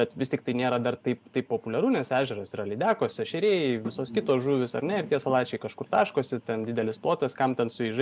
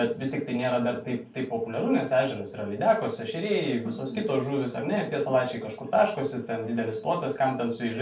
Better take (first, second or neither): first